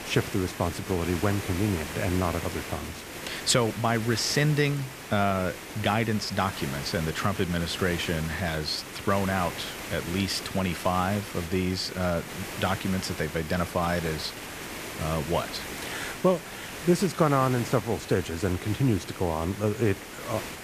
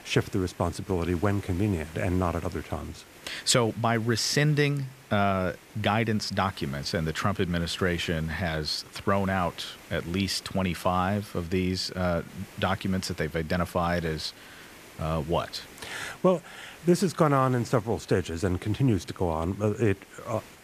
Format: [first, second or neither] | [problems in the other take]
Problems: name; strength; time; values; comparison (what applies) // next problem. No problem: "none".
second | hiss; loud; throughout; 9 dB below the speech; faint in the second